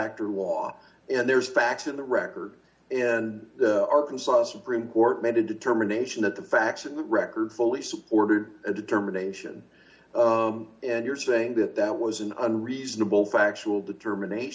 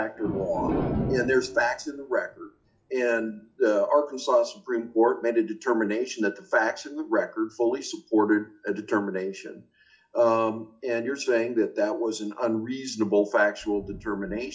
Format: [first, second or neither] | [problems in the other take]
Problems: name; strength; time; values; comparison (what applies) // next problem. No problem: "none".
first | noise reduction (classical method log-MMSE)